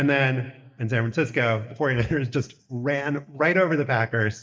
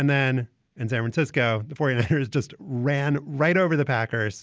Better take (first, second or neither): second